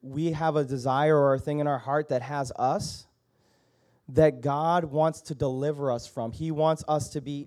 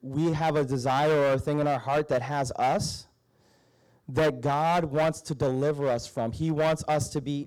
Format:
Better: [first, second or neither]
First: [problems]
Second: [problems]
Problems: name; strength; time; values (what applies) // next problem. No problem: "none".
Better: first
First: none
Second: distortion; heavy; 12% of the sound clipped